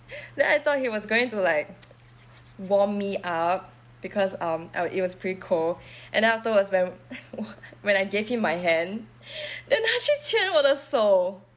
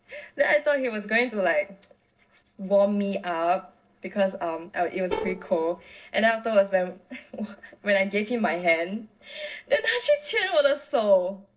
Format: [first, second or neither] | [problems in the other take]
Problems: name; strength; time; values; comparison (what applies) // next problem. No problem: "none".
first | noise reduction (neural separator model SepFormer DNS4)